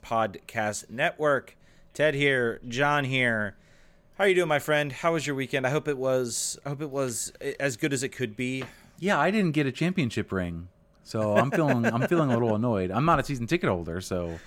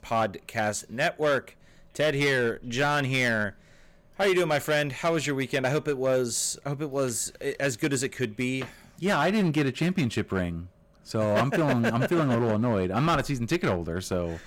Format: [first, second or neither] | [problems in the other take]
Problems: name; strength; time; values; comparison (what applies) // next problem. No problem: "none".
first | distortion; slight; 7% of the sound clipped